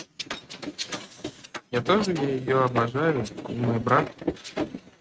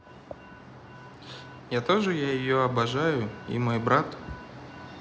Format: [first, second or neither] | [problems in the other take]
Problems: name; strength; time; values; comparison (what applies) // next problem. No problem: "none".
second | noise reduction (neural mask model RNNoise)